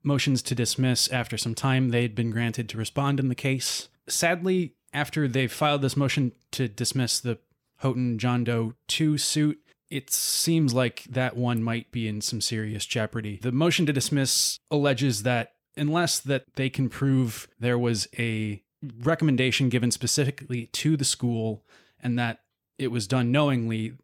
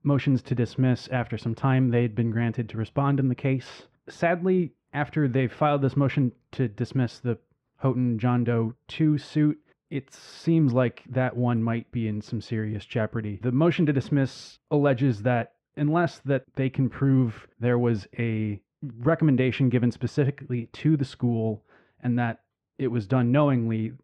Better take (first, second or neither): first